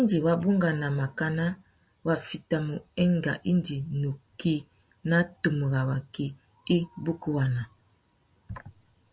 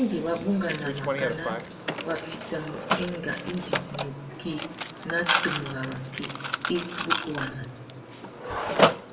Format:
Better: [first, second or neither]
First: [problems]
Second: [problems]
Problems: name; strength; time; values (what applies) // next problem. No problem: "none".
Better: first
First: none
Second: background sound (Mechanisms); 2 dB above the speech // room echo; dies away in 1.6 s